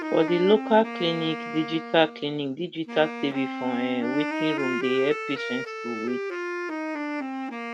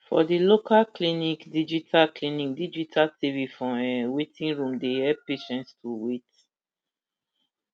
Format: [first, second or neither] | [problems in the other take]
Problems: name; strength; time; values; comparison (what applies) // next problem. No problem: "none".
second | background sound (Wind instrument, woodwind instrument); 5 dB below the speech